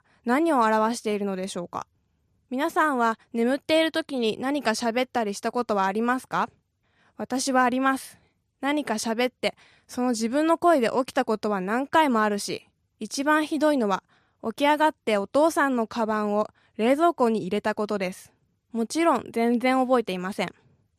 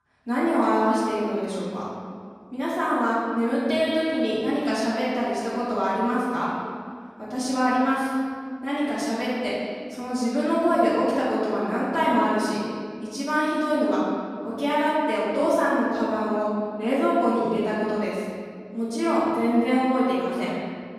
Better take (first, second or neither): first